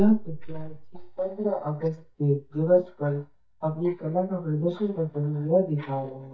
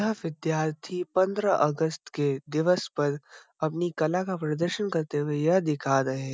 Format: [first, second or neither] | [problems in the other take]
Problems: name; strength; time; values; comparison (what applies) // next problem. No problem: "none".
second | noise reduction (neural mask model DeepFilterNet 3)